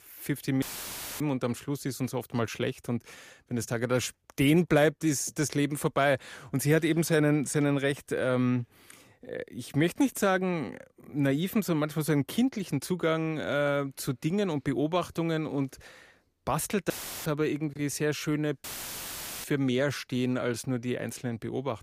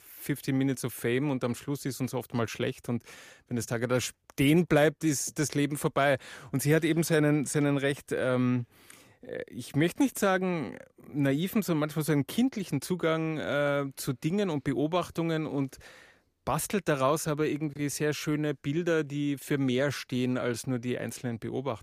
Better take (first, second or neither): second